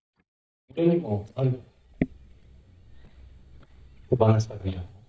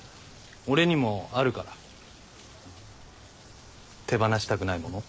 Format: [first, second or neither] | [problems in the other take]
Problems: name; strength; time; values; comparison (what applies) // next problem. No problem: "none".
second | noise reduction (neural mask model DeepFilterNet 3)